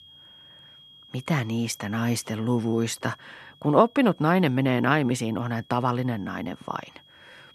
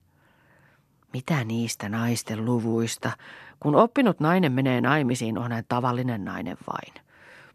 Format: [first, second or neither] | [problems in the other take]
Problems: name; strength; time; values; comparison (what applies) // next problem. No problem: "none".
second | high-pitched whine; faint; throughout; 3.5 kHz, 25 dB below the speech